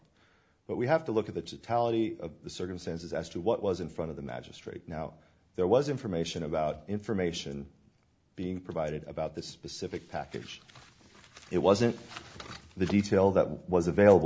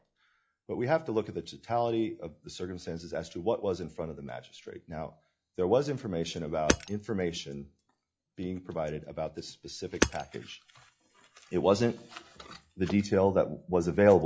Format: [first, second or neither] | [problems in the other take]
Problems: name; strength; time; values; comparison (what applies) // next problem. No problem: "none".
first | noise reduction (classical method log-MMSE)